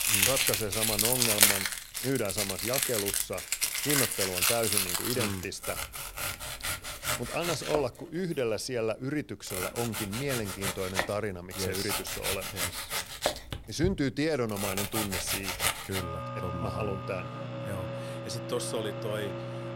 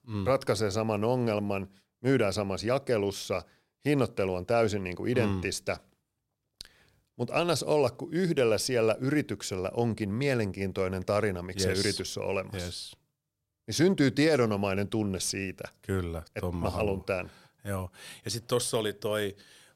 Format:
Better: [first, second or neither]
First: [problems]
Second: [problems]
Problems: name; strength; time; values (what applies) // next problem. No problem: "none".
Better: second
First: household noises; very loud; throughout; 4 dB above the speech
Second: none